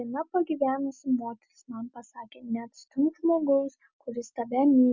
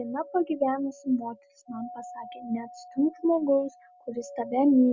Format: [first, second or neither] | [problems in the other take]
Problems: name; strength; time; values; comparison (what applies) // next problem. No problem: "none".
first | background sound (Doorbell); 18 dB below the speech